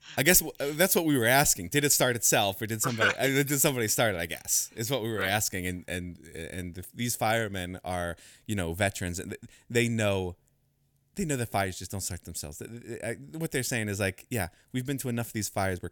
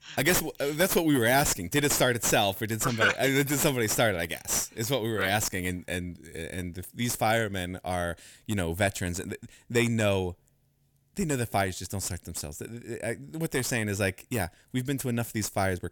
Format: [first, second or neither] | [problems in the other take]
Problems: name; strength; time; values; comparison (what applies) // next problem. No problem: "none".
first | distortion; slight; 9 dB below the speech